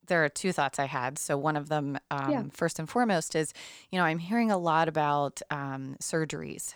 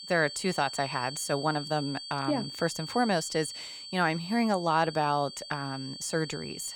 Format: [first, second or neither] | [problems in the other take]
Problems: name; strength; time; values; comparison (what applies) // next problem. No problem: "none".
first | high-pitched whine; loud; throughout; 4.5 kHz, 9 dB below the speech